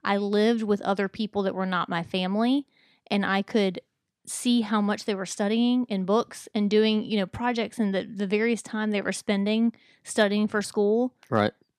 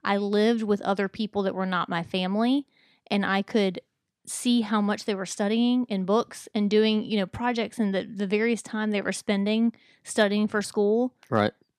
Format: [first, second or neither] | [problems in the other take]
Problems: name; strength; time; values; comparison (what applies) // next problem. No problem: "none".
neither | none